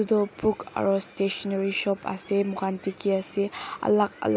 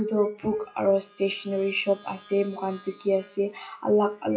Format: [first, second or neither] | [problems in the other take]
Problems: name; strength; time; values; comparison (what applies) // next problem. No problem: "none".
first | noise reduction (classical method WPE with log-MMSE)